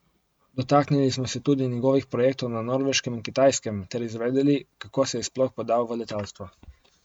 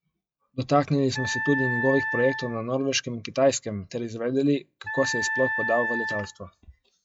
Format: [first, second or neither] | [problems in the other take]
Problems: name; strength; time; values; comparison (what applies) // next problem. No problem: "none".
first | noise reduction (classical method log-MMSE)